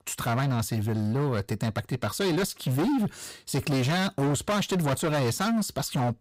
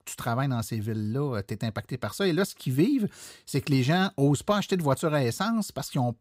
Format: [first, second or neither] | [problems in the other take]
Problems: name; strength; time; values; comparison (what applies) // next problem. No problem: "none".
second | distortion; heavy; 25% of the sound clipped